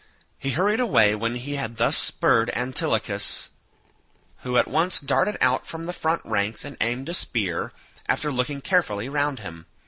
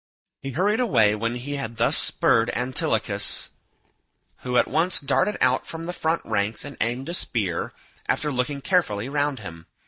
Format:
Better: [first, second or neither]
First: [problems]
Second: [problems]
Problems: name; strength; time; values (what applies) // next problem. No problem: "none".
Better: first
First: none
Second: noise reduction (neural mask model DeepFilterNet 3)